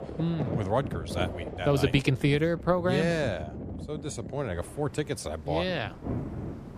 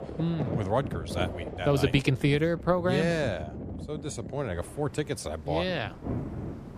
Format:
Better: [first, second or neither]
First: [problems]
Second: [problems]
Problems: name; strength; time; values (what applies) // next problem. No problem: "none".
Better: neither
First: rain or running water; loud; throughout; 9 dB below the speech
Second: rain or running water; loud; throughout; 9 dB below the speech